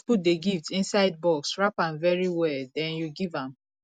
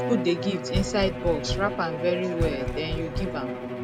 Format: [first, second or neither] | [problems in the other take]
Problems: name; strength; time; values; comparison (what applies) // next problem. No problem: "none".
first | background sound (Knock + Bowed string instrument); 2 dB below the speech